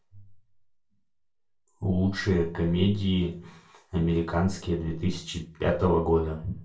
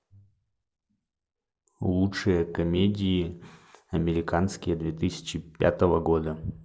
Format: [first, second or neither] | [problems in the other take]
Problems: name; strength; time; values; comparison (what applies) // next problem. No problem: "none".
second | room echo; dies away in 0.3 s